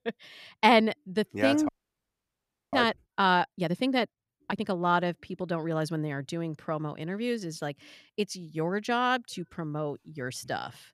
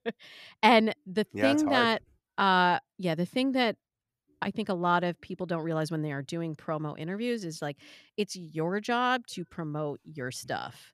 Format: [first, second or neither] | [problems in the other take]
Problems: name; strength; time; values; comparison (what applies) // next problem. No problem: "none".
second | audio freezing; at 1.5 s for 1 s